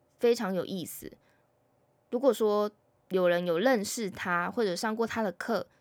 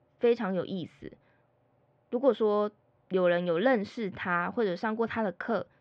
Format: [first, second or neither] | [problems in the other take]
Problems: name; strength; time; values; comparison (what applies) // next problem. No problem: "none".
first | muffled; slightly; fading above 3.5 kHz